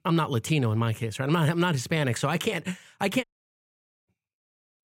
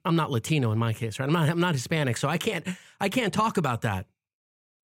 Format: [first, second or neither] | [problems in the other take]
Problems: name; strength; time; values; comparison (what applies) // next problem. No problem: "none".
second | audio cutting out; at 3 s for 1 s